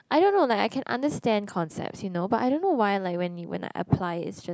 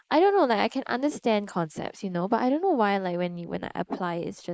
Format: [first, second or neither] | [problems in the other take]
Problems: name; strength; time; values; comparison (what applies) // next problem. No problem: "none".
first | noise reduction (neural mask model Resemble Enhance denoiser)